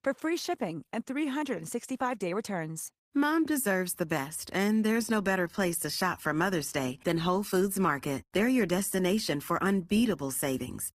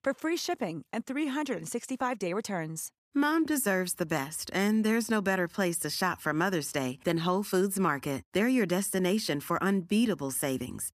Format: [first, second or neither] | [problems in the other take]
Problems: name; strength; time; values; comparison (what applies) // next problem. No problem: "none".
second | garbled, watery; slightly; nothing above 14.5 kHz